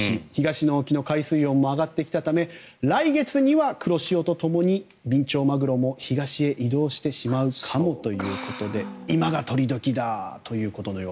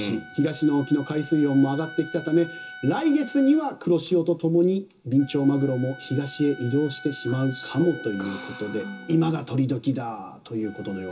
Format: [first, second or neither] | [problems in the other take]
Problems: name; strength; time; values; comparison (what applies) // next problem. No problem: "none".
first | background sound (Wind instrument, woodwind instrument); 19 dB below the speech // room echo; dies away in 0.2 s